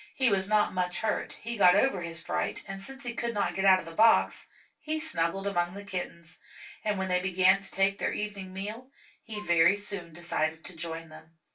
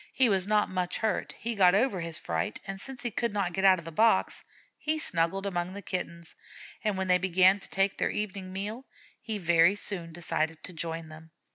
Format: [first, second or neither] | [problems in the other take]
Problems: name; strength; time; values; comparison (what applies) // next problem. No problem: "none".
second | background sound (Wind instrument, woodwind instrument); 18 dB below the speech // room echo; dies away in 0.1 s